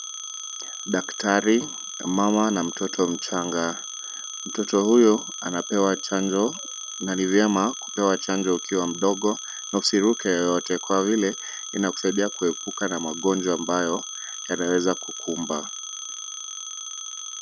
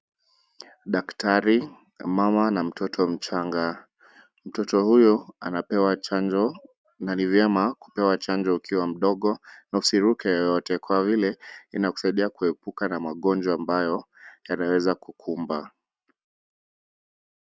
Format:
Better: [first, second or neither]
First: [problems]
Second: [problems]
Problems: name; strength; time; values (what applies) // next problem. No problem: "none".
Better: second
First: background sound (Telephone); 10 dB below the speech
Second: none